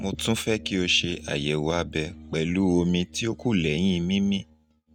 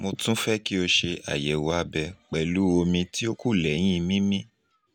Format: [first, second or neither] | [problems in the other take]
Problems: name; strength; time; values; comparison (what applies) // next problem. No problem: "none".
second | noise reduction (neural mask model RNNoise)